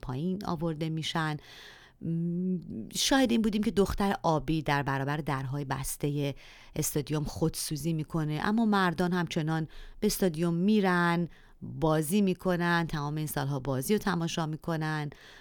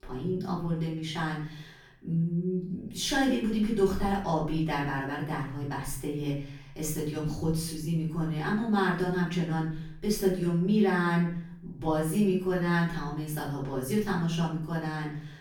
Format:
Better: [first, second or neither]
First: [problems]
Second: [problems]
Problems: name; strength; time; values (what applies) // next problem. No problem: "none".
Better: first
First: none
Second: off-mic speech; far // room echo; noticeable; dies away in 0.5 s